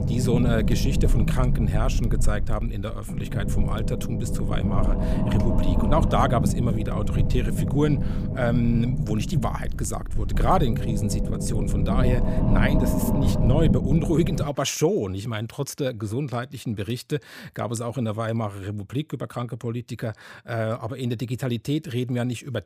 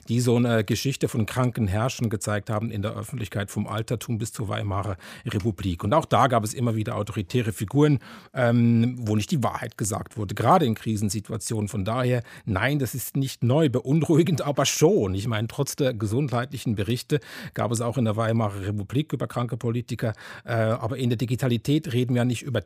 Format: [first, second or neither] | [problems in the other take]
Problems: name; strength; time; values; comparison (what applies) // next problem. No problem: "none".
second | low rumble; loud; until 14 s; 4 dB below the speech